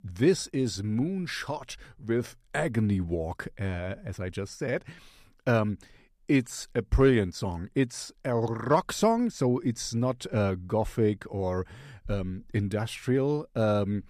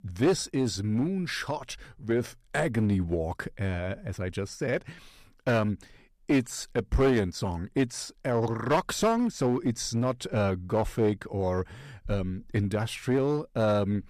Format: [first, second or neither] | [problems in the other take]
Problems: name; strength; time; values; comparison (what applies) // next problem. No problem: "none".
first | distortion; slight; 5% of the sound clipped